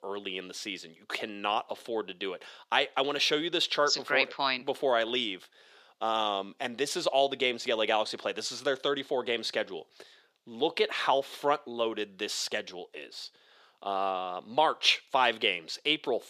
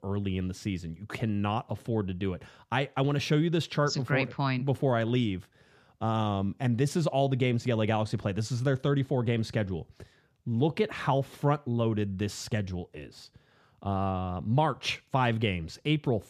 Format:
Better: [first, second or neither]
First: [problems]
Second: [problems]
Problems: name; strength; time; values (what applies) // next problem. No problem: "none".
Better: second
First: thin; very; fading below 400 Hz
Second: none